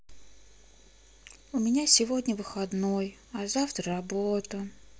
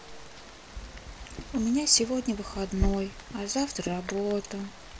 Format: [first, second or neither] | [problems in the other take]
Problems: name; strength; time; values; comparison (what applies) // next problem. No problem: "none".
first | background sound (Rain); 7 dB below the speech